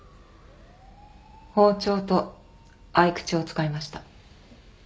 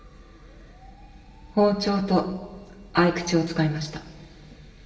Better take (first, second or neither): first